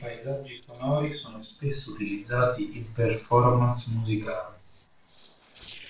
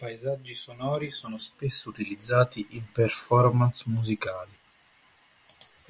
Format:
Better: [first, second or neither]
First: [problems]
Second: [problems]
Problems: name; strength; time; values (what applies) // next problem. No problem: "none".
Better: second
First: noise reduction (neural separator model SepFormer DNS4)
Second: none